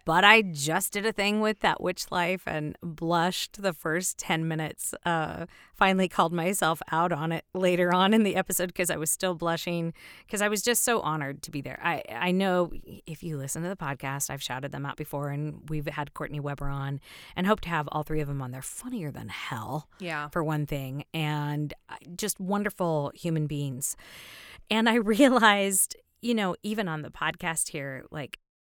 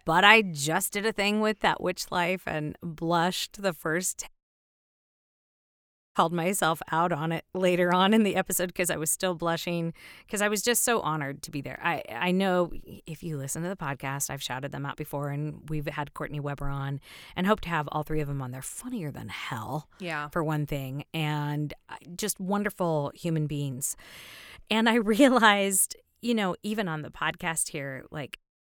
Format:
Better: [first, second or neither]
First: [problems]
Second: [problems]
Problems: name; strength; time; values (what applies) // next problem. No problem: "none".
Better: first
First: none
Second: audio cutting out; at 4.5 s for 2 s